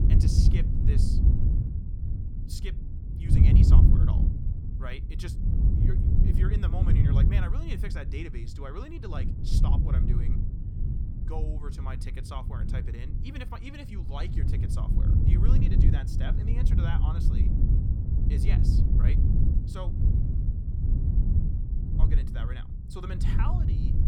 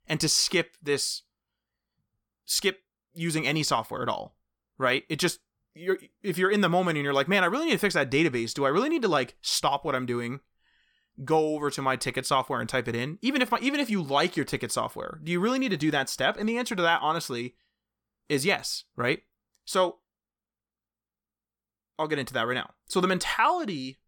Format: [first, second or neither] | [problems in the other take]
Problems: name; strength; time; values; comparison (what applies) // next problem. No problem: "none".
second | wind noise on the microphone; heavy; 2 dB above the speech